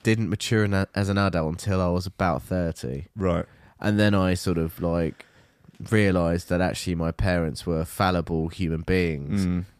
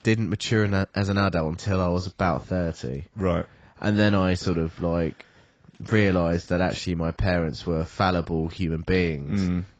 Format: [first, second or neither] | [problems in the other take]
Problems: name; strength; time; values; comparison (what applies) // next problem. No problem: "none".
first | garbled, watery; badly; nothing above 7.5 kHz